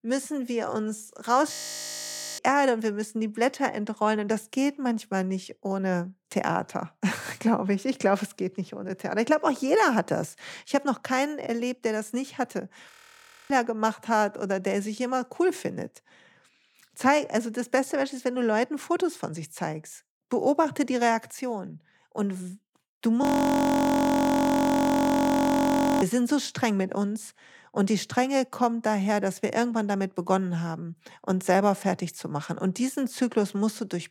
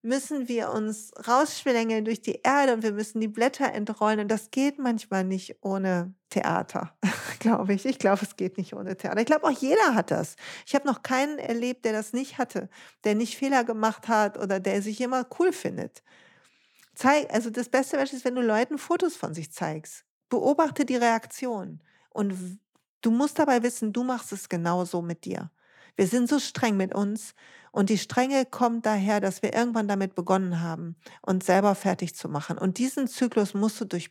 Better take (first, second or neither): second